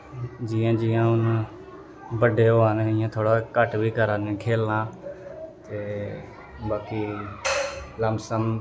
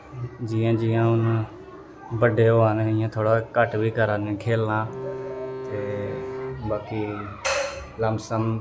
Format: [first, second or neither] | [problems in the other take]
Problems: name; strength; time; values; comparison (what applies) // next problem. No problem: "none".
first | background sound (Bowed string instrument); 10 dB below the speech